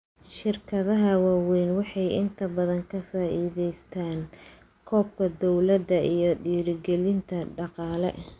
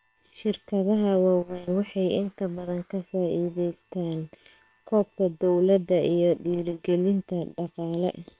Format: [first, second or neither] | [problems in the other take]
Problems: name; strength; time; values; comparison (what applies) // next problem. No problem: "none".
first | noise reduction (neural separator model SepFormer WHAM!)